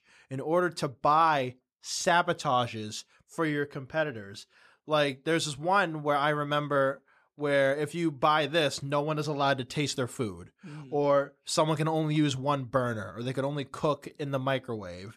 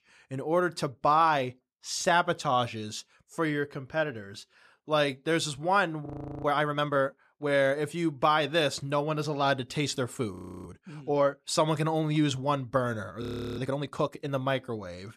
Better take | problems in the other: first | audio freezing; at 6 s, at 10 s and at 13 s

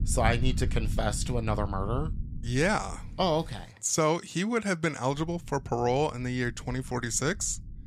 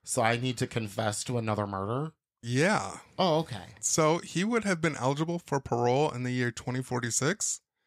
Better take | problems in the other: second | low rumble; faint; until 3.5 s and from 5 s on; 20 dB below the speech

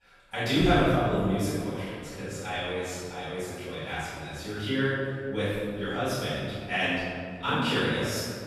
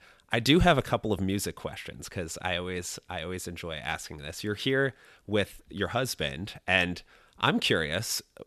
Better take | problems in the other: second | off-mic speech; far // room echo; strong; dies away in 1.8 s

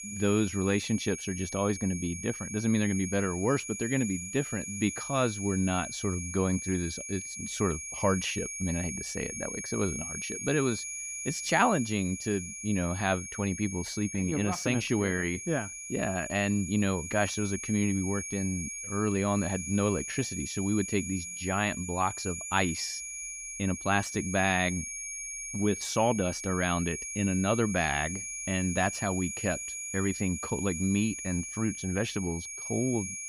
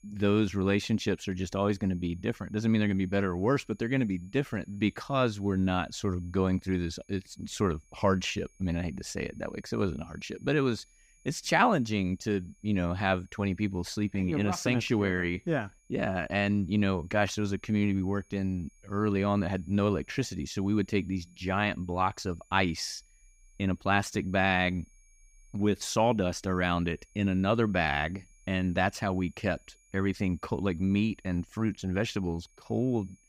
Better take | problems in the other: second | high-pitched whine; loud; throughout; 6.5 kHz, 6 dB below the speech; faint in the second

